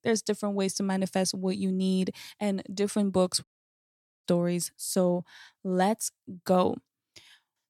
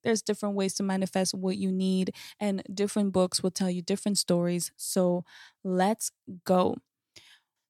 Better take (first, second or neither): second